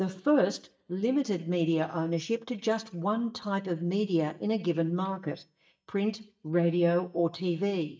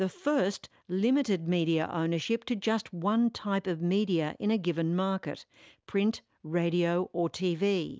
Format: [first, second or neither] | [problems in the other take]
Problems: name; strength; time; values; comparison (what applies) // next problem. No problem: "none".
second | noise reduction (neural mask model DeepFilterNet 3)